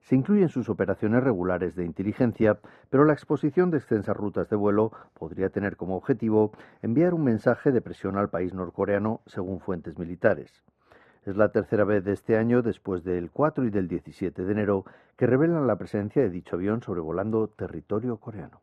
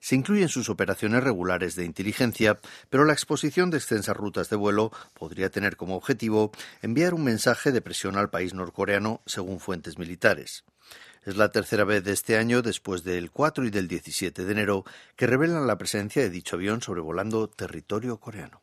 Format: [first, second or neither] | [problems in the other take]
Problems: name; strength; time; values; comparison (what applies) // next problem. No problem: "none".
second | muffled; very; fading above 2.5 kHz